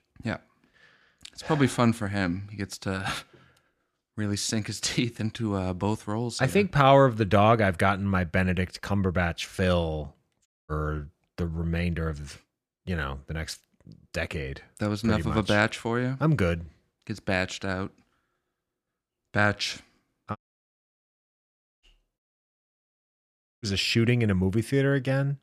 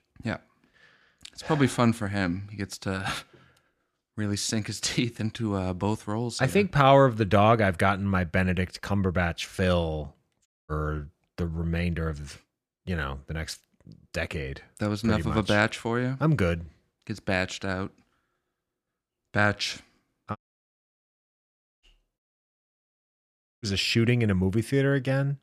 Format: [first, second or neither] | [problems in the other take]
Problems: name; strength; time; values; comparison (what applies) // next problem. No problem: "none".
neither | audio cutting out; at 10 s, at 20 s for 1.5 s and at 22 s for 1.5 s; the same in both